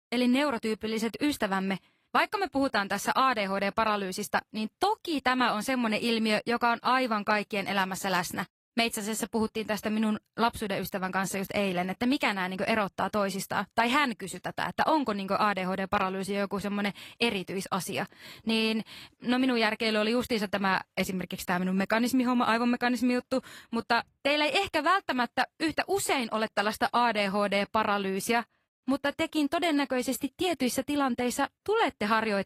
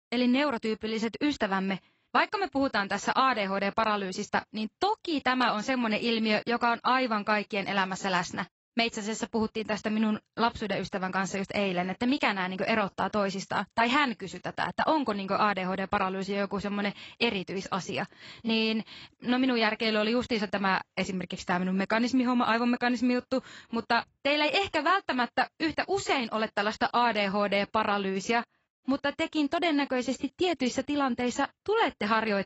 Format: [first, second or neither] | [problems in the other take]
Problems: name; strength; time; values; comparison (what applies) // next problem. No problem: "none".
first | garbled, watery; badly; nothing above 7.5 kHz; slightly in the first